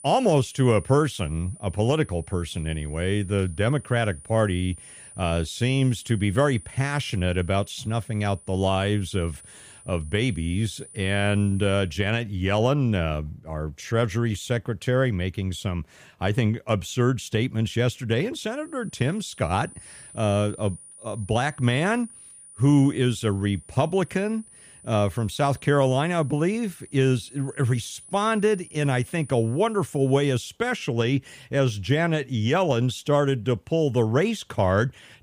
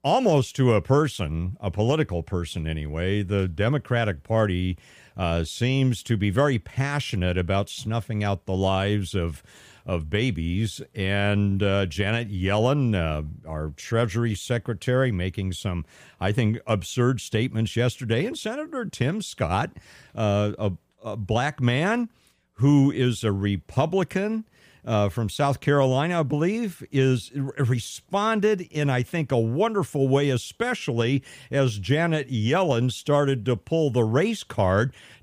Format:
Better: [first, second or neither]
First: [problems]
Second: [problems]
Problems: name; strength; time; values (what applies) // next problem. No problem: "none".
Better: second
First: high-pitched whine; noticeable; until 12 s and from 19 to 30 s; 9.5 kHz, 20 dB below the speech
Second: none